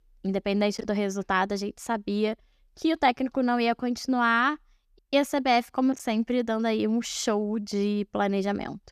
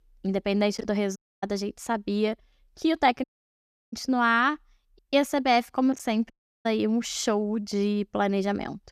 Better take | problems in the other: first | audio cutting out; at 1 s, at 3 s for 0.5 s and at 6.5 s

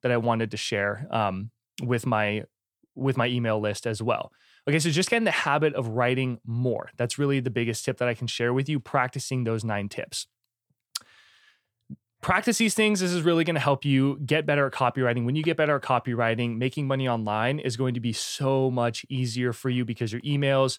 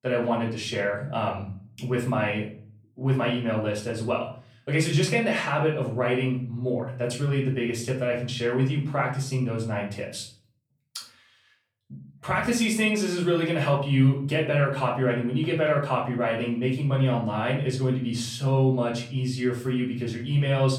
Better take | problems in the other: first | room echo; slight; dies away in 0.5 s // off-mic speech; far

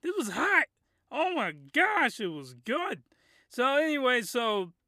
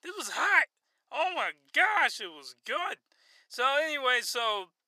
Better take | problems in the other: first | thin; very; fading below 750 Hz

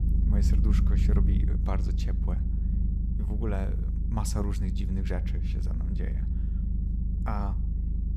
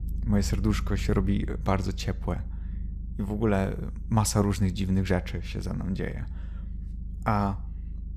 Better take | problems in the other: second | low rumble; loud; throughout; 4 dB below the speech; faint in the second

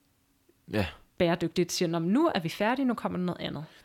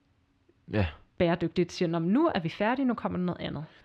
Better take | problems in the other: first | muffled; slightly; fading above 3.5 kHz

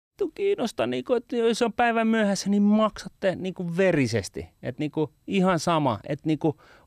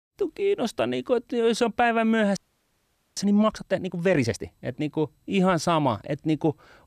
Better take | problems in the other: first | audio freezing; at 2.5 s for 1 s

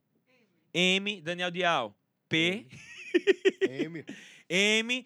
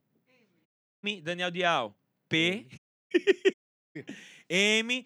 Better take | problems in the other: first | audio cutting out; at 0.5 s, at 3 s and at 3.5 s

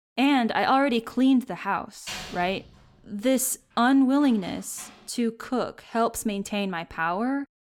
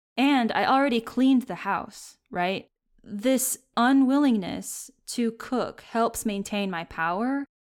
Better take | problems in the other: second | door banging; noticeable; from 2 to 5 s; peak 10 dB below the speech

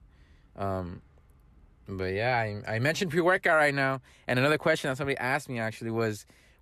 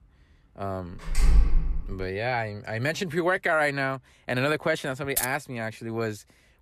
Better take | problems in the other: first | door banging; loud; at 1 s; peak 4 dB above the speech // jangling keys; noticeable; at 5 s; peak 1 dB below the speech

